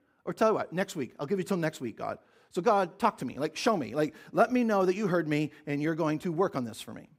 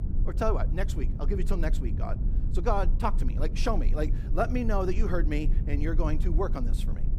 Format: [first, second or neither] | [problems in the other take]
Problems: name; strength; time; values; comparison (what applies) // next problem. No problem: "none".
first | low rumble; noticeable; throughout; 15 dB below the speech